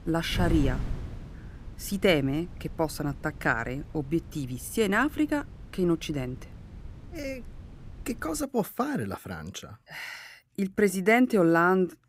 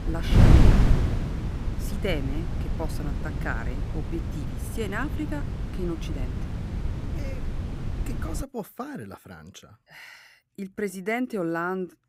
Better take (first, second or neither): first